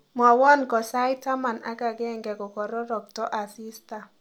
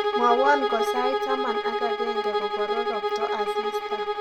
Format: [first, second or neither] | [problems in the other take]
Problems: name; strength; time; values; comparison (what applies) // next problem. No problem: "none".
first | background sound (Bowed string instrument); 3 dB above the speech